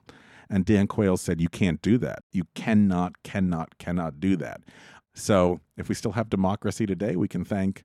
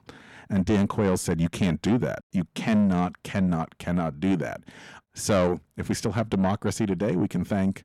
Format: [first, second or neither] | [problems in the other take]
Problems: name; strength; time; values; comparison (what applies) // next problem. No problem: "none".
first | distortion; slight; 10 dB below the speech